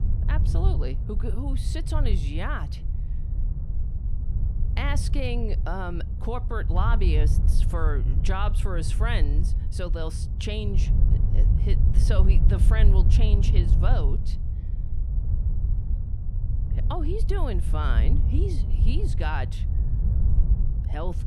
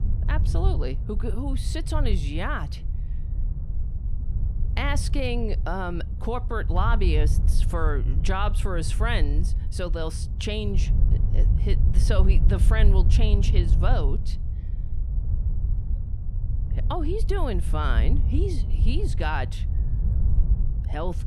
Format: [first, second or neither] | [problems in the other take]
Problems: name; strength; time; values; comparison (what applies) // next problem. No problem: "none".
second | wind noise on the microphone; heavy; 8 dB below the speech; occasional gusts in the second